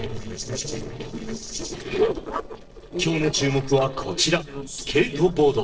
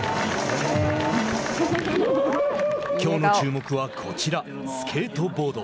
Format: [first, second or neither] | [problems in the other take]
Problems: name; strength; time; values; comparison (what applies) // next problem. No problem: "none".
second | noise reduction (neural separator model SepFormer DNS4)